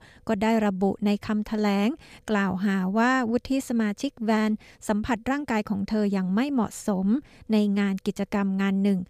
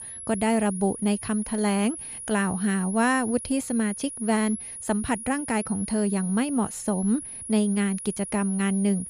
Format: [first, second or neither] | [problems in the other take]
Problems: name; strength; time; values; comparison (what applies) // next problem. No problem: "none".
first | high-pitched whine; loud; throughout; 10.5 kHz, 9 dB below the speech